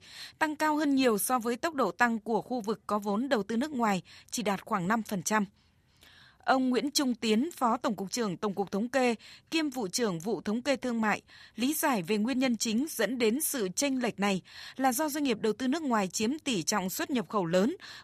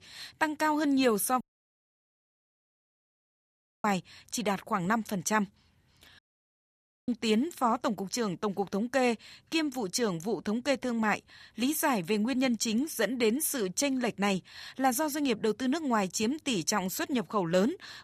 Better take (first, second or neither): first